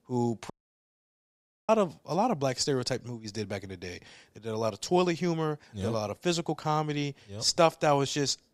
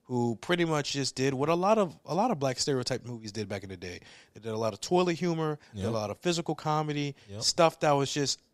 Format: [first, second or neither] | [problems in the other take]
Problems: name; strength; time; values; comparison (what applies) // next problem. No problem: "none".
second | audio cutting out; at 0.5 s for 1 s